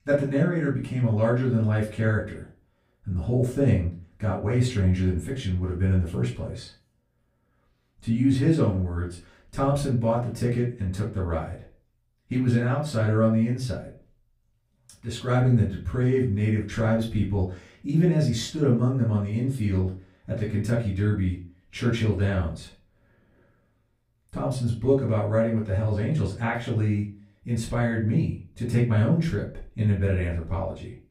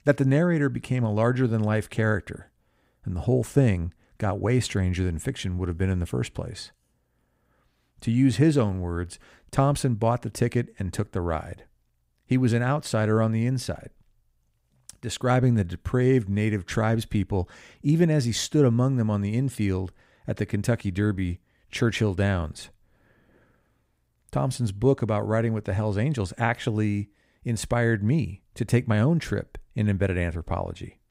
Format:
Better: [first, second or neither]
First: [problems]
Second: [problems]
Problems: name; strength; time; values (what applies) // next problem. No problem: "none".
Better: second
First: off-mic speech; far // room echo; slight; dies away in 0.3 s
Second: none